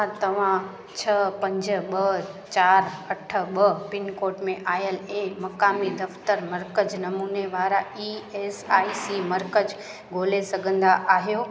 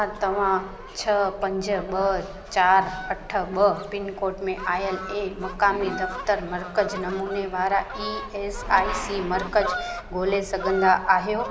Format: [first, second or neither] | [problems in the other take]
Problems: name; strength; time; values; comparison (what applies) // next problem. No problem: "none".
first | background sound (Fowl); 11 dB below the speech